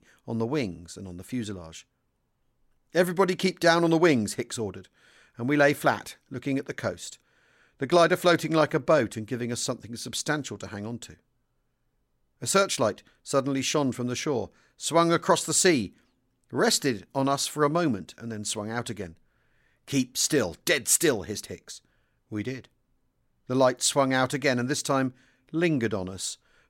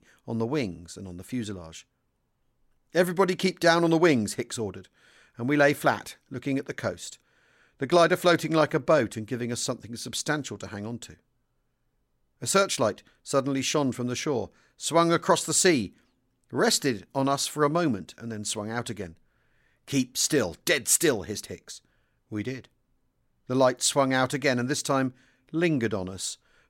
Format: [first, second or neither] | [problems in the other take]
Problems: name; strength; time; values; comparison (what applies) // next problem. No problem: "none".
neither | none